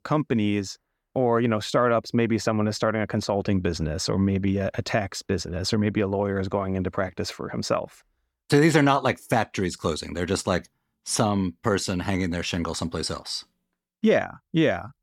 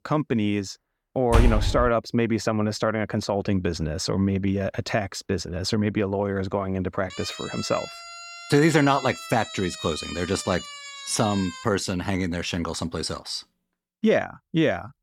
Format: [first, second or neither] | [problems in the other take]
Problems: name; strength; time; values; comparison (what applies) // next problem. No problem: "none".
first | door banging; loud; at 1.5 s; peak 3 dB above the speech // siren; noticeable; from 7 to 12 s; peak 9 dB below the speech